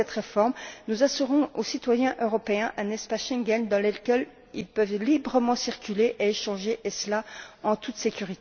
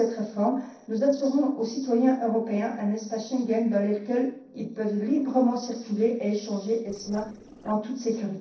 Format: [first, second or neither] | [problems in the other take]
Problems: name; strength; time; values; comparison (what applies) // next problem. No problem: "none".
first | noise reduction (neural separator model SepFormer DNS4)